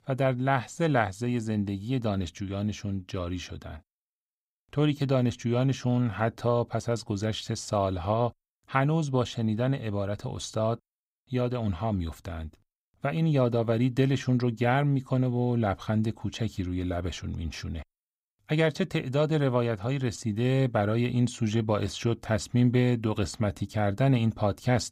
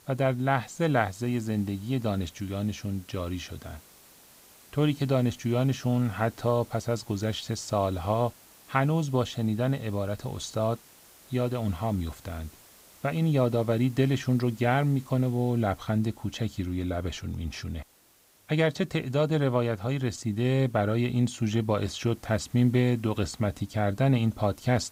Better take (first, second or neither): first